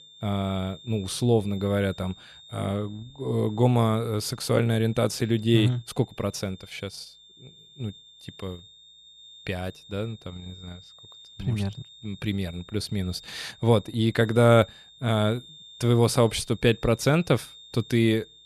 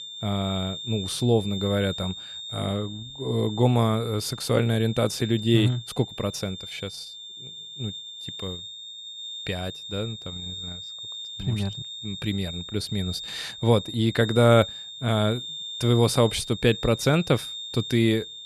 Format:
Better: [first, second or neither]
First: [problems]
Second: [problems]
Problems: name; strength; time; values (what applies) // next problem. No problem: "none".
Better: first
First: high-pitched whine; faint; throughout; 3.5 kHz, 20 dB below the speech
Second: high-pitched whine; loud; throughout; 3.5 kHz, 10 dB below the speech